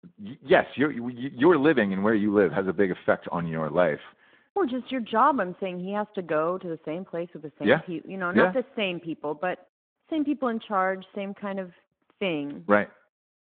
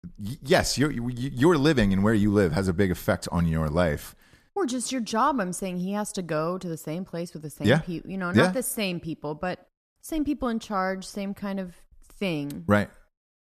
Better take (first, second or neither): second